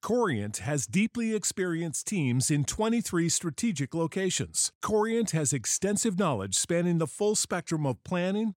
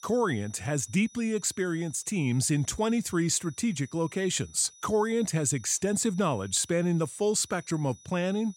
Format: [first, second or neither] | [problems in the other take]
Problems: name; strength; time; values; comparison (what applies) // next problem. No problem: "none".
first | high-pitched whine; faint; throughout; 6 kHz, 25 dB below the speech